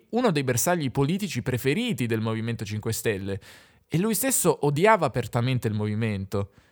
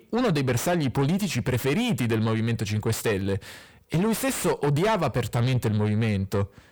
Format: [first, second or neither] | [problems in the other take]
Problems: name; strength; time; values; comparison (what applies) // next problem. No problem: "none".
first | distortion; heavy; 6 dB below the speech